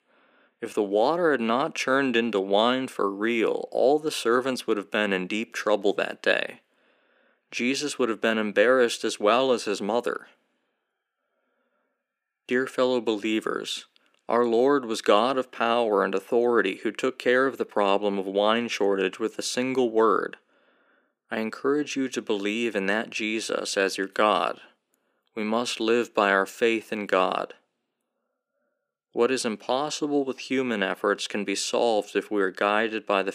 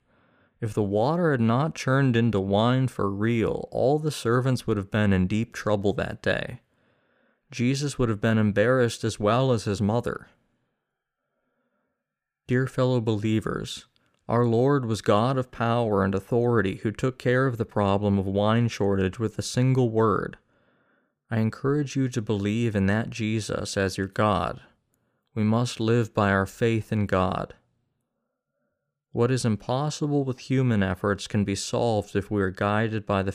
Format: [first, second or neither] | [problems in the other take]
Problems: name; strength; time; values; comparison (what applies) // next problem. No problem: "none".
second | thin; somewhat; fading below 250 Hz